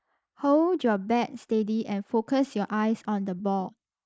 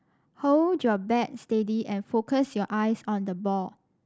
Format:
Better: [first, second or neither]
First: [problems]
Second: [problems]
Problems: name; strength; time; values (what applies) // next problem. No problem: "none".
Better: second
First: noise reduction (neural mask model Resemble Enhance denoiser)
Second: none